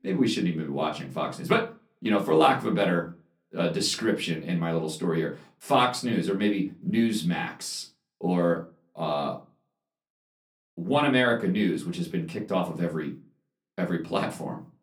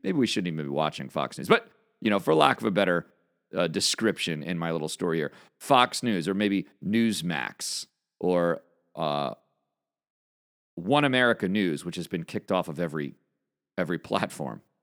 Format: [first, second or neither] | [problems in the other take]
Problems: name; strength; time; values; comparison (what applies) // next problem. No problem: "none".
second | off-mic speech; far // room echo; very slight; dies away in 0.3 s